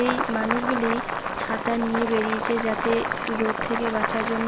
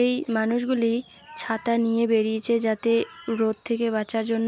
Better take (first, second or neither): second